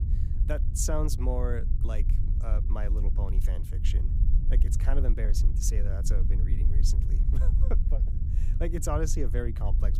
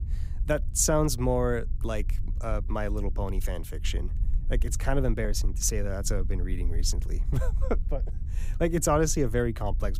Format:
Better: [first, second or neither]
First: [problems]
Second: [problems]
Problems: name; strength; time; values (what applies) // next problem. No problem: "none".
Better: second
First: low rumble; loud; throughout; 9 dB below the speech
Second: low rumble; faint; throughout; 20 dB below the speech